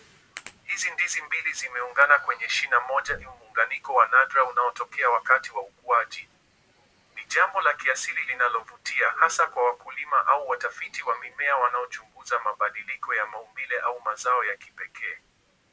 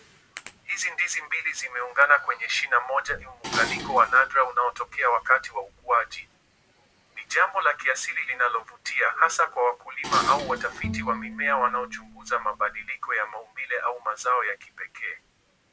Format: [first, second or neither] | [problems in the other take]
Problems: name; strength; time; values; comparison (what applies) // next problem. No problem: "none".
first | background sound (Dishes, pots, and pans + Bowed string instrument); 10 dB below the speech